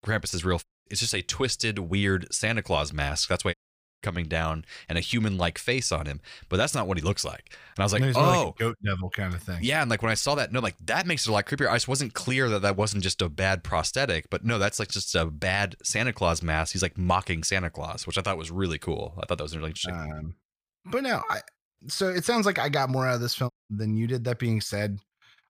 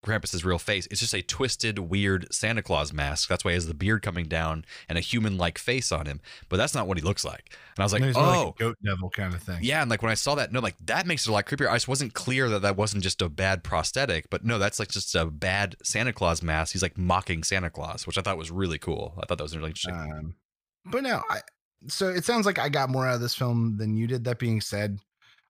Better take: second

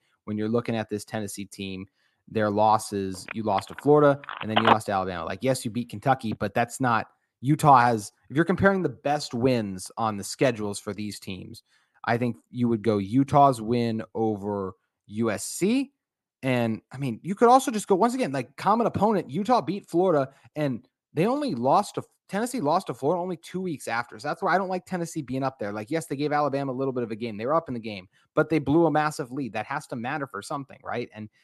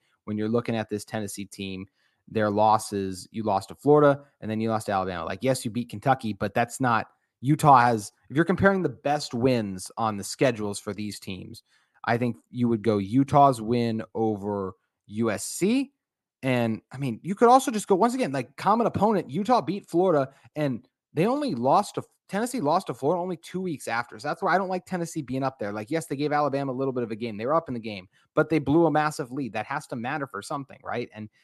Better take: second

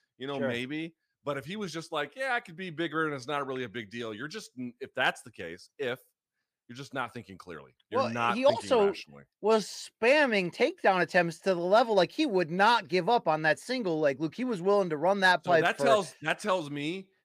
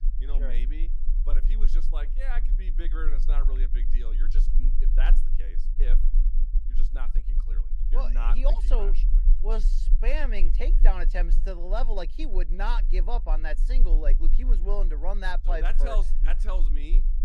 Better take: first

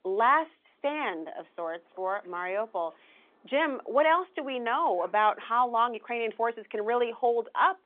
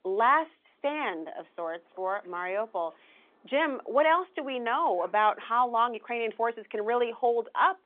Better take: neither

